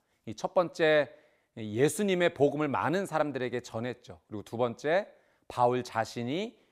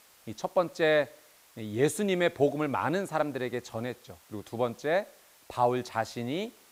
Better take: first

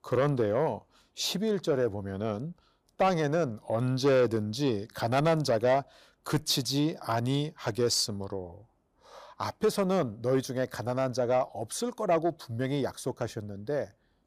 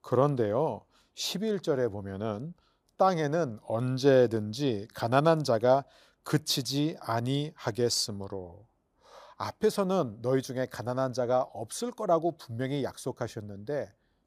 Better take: second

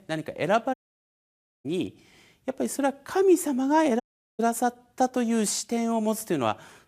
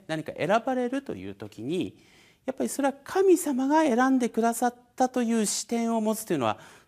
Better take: second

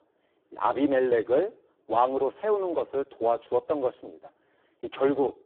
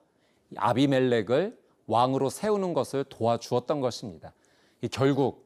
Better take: second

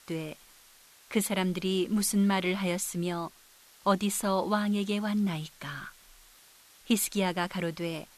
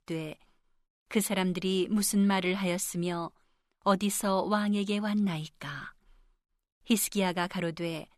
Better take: second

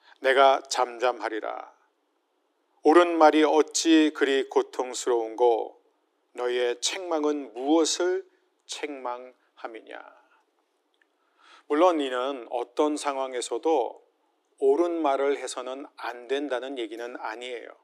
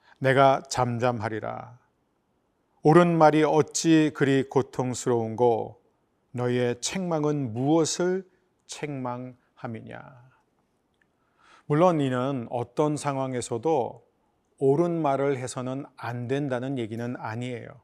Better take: second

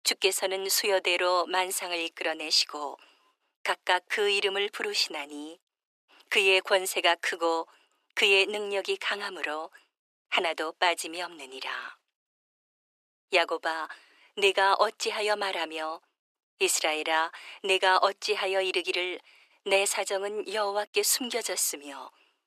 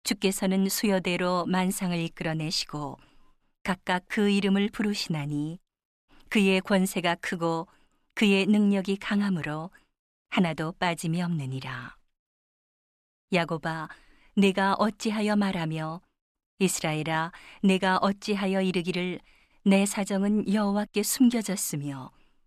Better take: second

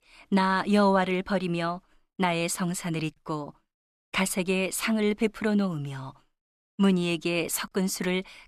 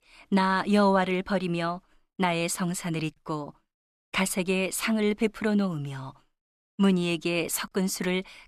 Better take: neither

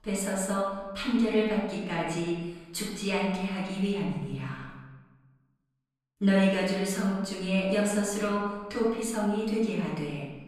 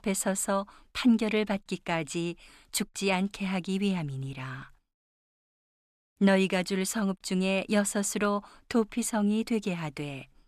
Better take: second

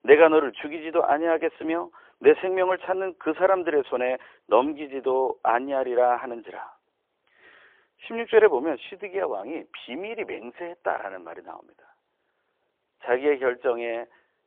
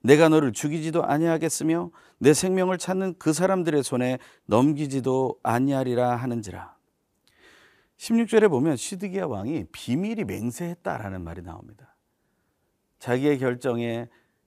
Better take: second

